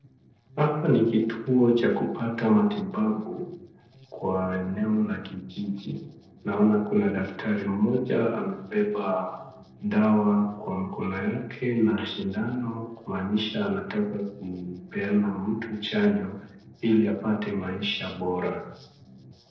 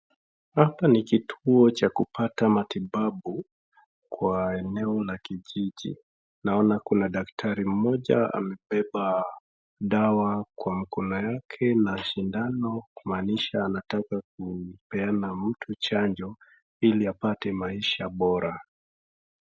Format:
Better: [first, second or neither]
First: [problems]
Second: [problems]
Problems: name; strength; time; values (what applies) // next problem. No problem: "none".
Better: second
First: noise reduction (neural separator model SepFormer DNS4)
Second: none